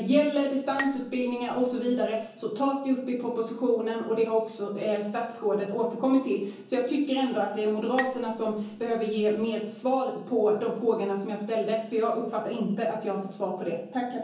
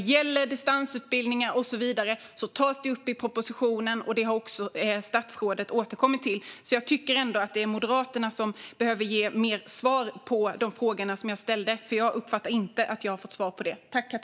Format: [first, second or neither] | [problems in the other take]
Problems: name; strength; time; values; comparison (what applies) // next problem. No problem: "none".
second | background sound (Bowed string instrument); 13 dB below the speech // room echo; dies away in 0.7 s